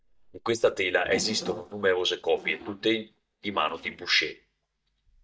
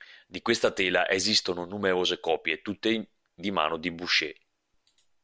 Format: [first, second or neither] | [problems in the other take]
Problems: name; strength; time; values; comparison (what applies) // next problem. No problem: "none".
second | noise reduction (neural mask model DeepFilterNet 3)